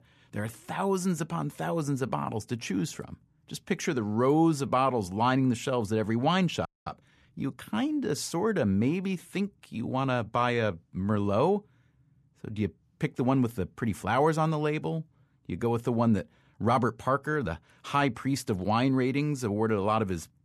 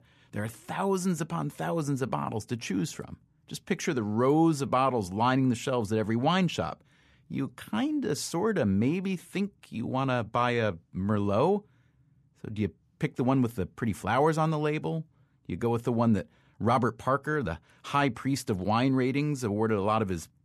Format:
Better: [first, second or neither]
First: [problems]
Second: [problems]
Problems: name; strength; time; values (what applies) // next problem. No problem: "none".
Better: second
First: audio freezing; at 6.5 s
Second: none